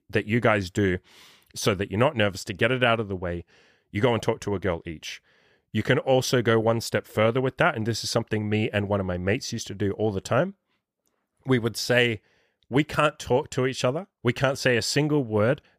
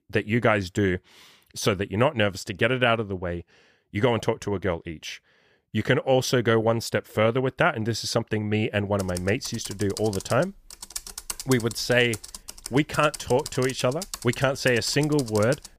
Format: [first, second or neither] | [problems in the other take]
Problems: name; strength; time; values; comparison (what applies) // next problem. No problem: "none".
first | keyboard typing; noticeable; from 9 s on; peak 8 dB below the speech